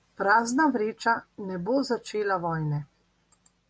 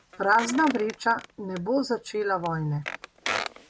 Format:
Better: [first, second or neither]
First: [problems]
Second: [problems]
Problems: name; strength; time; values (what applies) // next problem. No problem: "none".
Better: first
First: none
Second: background sound (Squeak); 11 dB below the speech